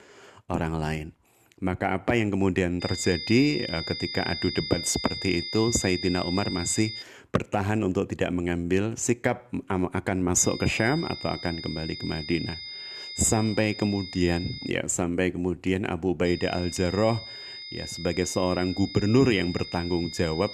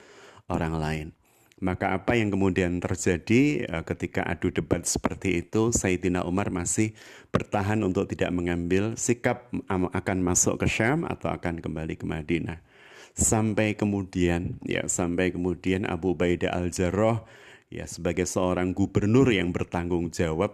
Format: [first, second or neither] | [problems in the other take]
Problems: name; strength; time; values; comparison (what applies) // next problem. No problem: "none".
second | high-pitched whine; loud; from 3 to 7 s, from 10 to 15 s and from 16 s on; 5 kHz, 8 dB below the speech